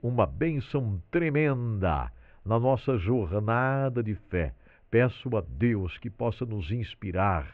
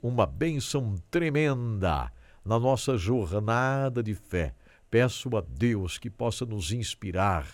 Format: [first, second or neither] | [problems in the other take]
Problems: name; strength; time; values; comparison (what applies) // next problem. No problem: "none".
second | muffled; very; fading above 2.5 kHz